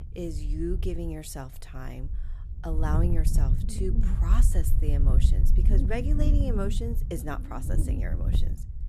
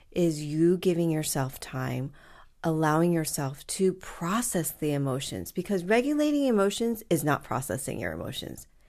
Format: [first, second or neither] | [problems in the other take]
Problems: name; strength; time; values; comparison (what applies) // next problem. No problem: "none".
second | wind noise on the microphone; heavy; 5 dB below the speech